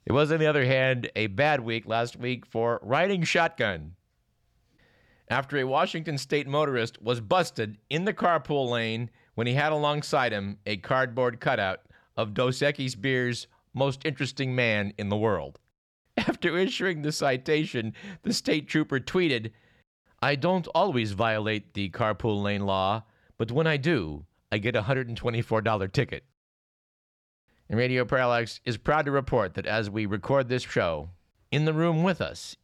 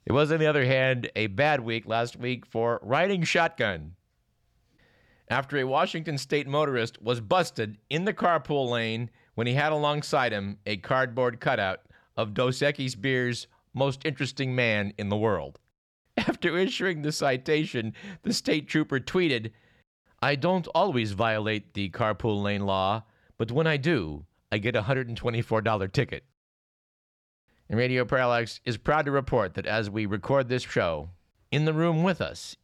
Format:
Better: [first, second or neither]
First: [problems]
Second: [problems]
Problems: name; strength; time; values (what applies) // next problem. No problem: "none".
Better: neither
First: none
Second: none